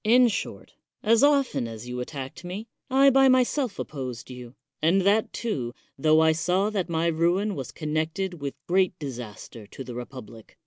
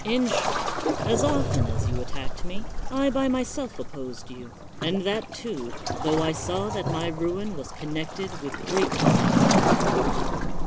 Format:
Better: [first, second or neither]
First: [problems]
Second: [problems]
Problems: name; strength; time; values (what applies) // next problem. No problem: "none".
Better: first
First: none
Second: background sound (Waves, surf); 4 dB above the speech